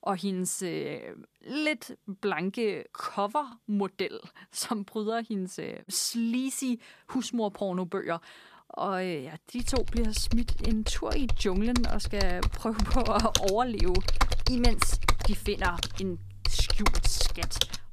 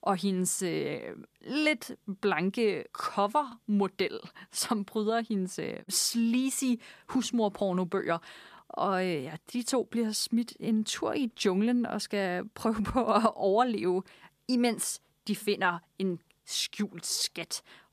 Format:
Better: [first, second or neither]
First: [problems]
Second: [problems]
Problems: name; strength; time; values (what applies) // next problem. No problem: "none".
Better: second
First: keyboard typing; loud; from 9.5 s on; peak 4 dB above the speech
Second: none